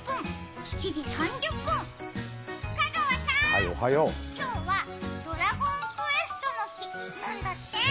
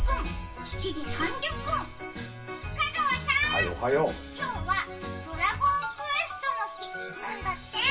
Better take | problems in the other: first | background sound (Bass drum); 11 dB below the speech // room echo; dies away in 0.2 s

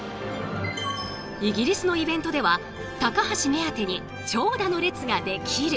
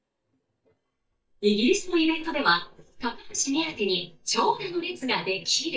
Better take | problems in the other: first | noise reduction (neural mask model DeepFilterNet 3)

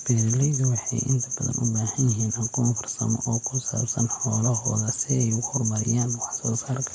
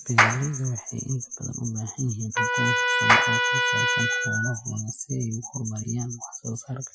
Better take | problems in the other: first | noise reduction (classical method Wiener filter)

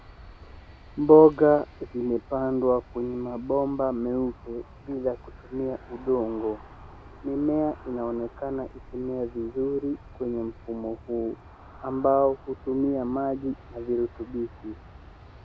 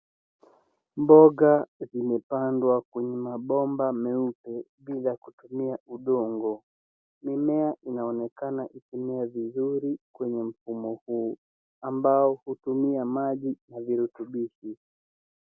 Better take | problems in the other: second | background sound (Aircraft); 20 dB below the speech

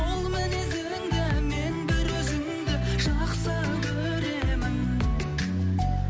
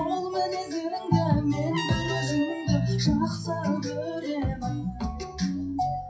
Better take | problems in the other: first | noise reduction (classical method WPE with log-MMSE)

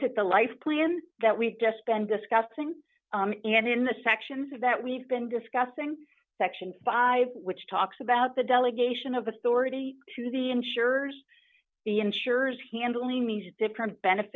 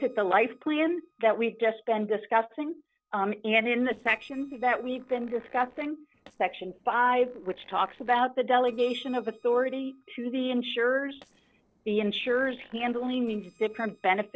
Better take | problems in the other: first | noise reduction (neural separator model SepFormer DNS4)

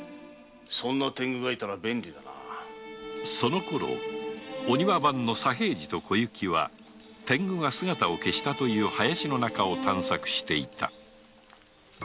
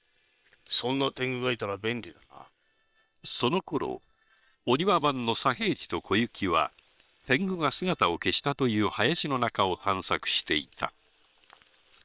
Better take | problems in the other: first | noise reduction (neural separator model SepFormer WHAM!)

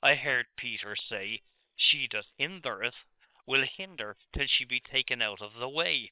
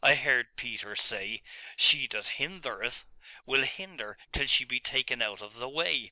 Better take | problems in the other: second | noise reduction (neural separator model SepFormer WHAM!)

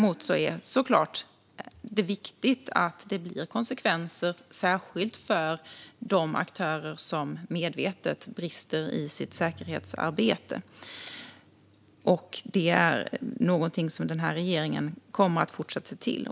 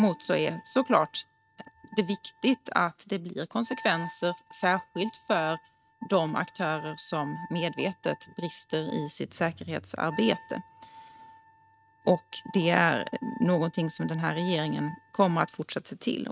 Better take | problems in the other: first | noise reduction (neural mask model RNNoise)

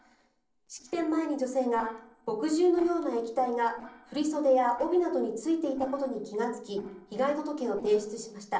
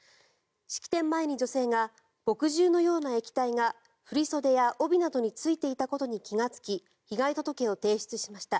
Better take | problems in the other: second | noise reduction (neural separator model SepFormer DNS4)

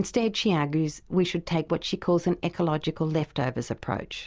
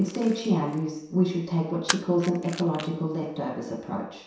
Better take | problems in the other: first | background sound (Splash, splatter); 13 dB below the speech // room echo; dies away in 0.7 s

